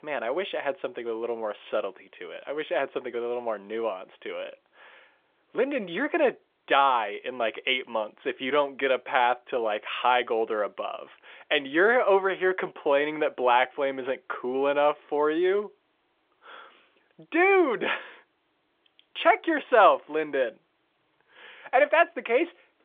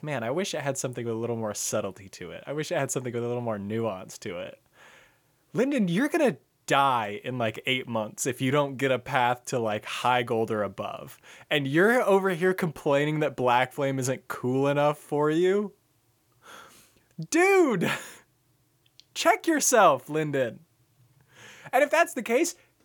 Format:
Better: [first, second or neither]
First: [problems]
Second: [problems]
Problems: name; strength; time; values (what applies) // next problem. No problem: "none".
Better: second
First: phone-call audio; nothing above 3.5 kHz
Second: none